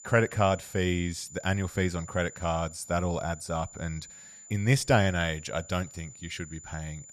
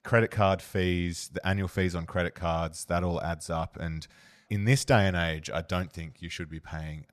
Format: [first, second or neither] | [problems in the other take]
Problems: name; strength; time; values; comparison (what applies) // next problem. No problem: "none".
second | high-pitched whine; noticeable; throughout; 7 kHz, 15 dB below the speech